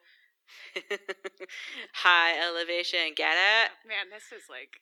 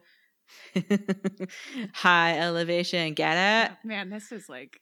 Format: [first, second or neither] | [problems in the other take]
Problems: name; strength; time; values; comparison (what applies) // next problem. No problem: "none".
second | thin; very; fading below 350 Hz